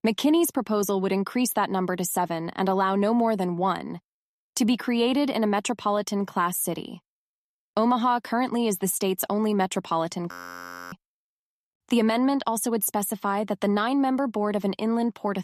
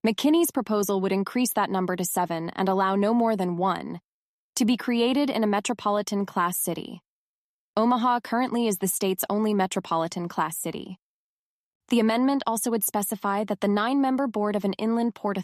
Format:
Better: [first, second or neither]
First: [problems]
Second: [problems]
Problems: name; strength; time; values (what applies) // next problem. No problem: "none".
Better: second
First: audio freezing; at 10 s for 0.5 s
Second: none